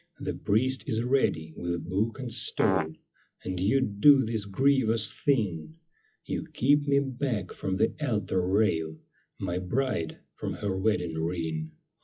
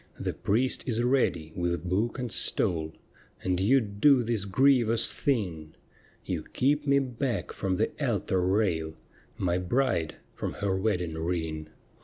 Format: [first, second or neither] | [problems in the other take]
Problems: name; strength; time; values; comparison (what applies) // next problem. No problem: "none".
second | noise reduction (classical method WPE with log-MMSE)